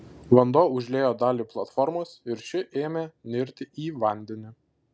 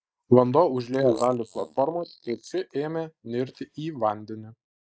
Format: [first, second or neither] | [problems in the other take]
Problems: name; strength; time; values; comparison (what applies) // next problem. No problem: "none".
first | noise reduction (neural mask model Resemble Enhance denoiser)